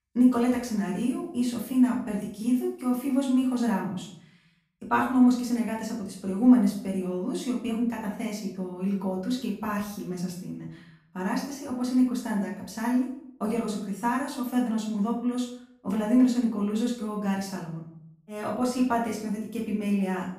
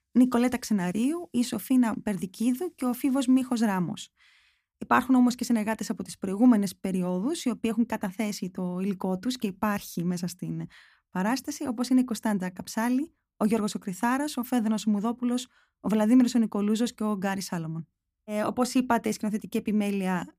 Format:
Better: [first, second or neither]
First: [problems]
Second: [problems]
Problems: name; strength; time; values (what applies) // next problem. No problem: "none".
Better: second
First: off-mic speech; far // room echo; noticeable; dies away in 0.5 s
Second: none